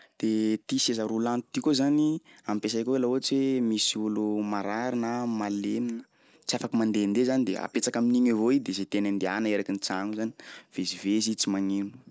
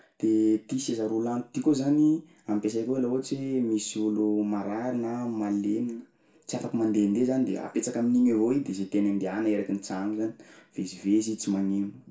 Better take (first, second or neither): first